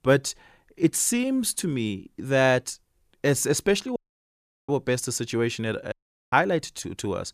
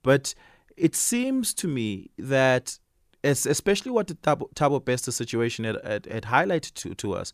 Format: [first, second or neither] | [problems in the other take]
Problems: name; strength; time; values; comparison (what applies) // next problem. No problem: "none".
second | audio cutting out; at 4 s for 0.5 s and at 6 s